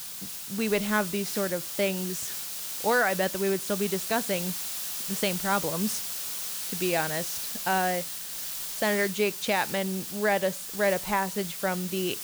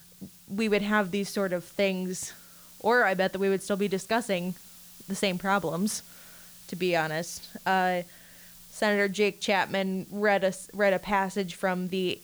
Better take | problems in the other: second | hiss; loud; throughout; 4 dB below the speech; faint in the second

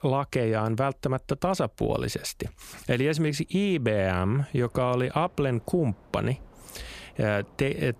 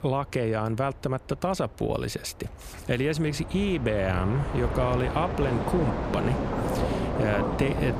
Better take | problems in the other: first | train or aircraft noise; loud; throughout; 2 dB below the speech; faint in the first

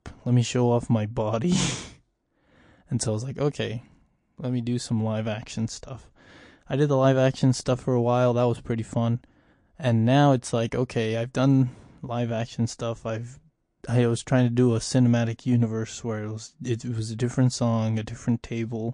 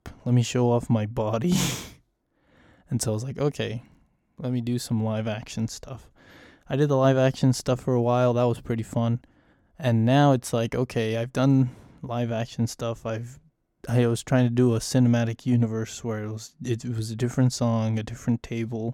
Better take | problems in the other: second | garbled, watery; slightly; nothing above 9 kHz

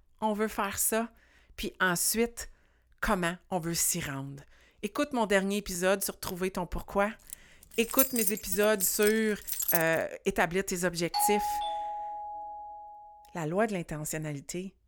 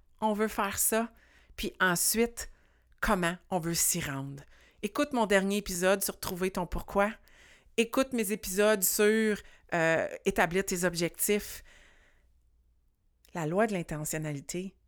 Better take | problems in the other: second | jangling keys; loud; from 7.5 to 10 s; peak 5 dB above the speech // doorbell; loud; from 11 to 13 s; peak level with the speech

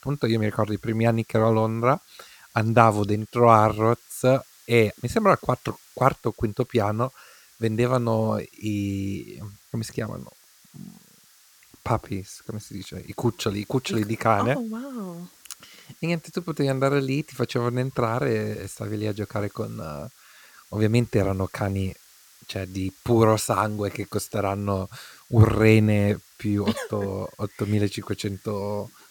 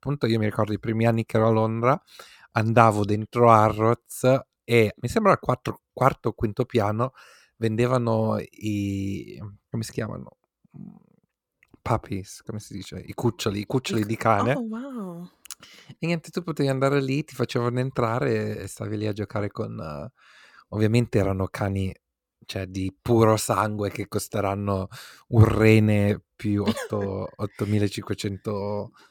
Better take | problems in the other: second | hiss; faint; throughout; 25 dB below the speech

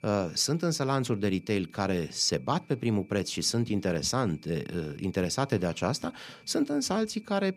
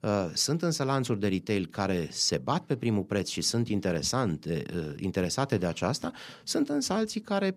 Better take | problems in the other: second | high-pitched whine; faint; throughout; 2.5 kHz, 30 dB below the speech

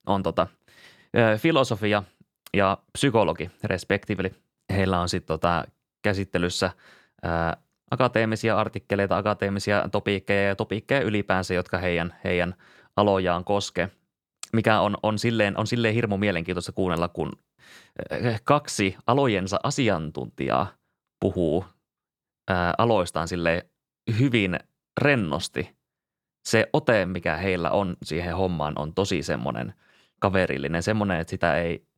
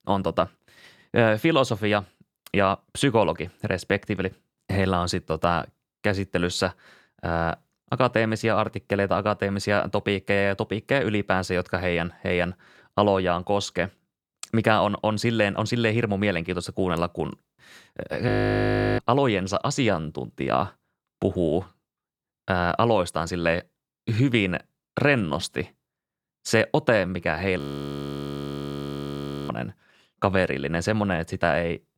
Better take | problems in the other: first | audio freezing; at 18 s for 0.5 s and at 28 s for 2 s

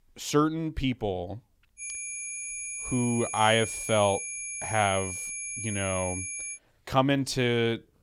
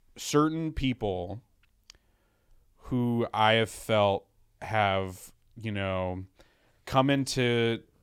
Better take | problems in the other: second | high-pitched whine; loud; from 2 to 6.5 s; 10 kHz, 6 dB below the speech

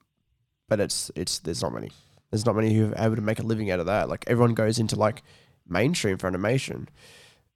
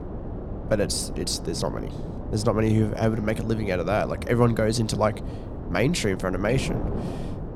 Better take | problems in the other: first | wind noise on the microphone; occasional gusts; 10 dB below the speech

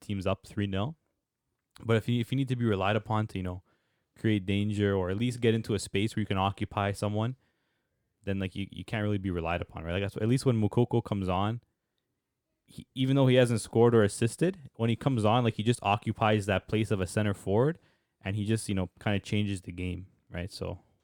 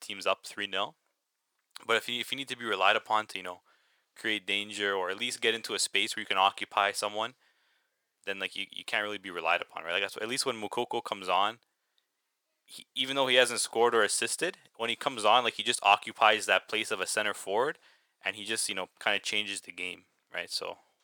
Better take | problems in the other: first | thin; very; fading below 800 Hz

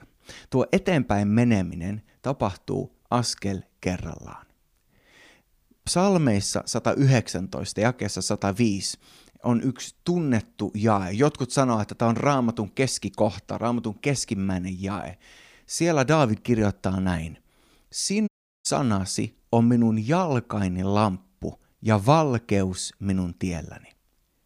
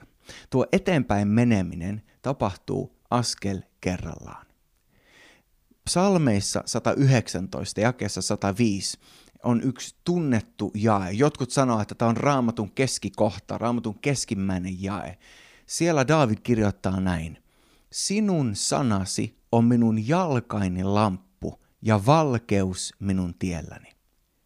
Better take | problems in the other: second | audio cutting out; at 18 s

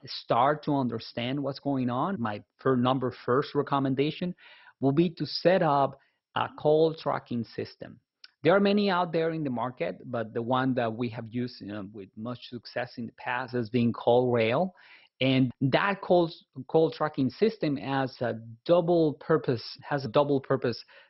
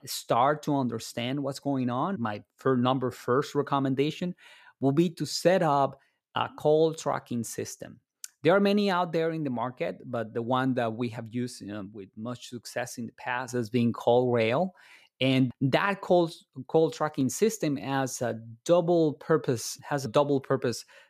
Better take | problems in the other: second | garbled, watery; badly; nothing above 5.5 kHz

